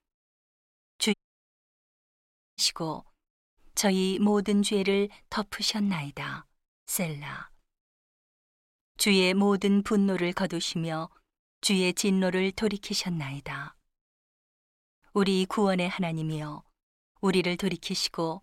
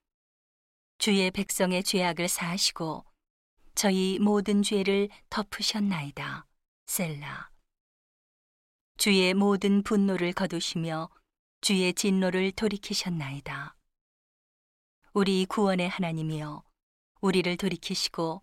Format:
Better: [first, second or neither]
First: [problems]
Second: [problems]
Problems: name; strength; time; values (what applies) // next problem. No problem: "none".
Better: second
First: audio cutting out; at 1 s for 1.5 s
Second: none